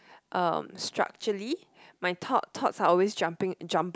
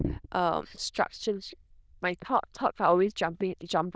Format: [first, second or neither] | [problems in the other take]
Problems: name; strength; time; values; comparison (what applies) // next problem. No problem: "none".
first | noise reduction (neural diffusion model UNIVERSE++)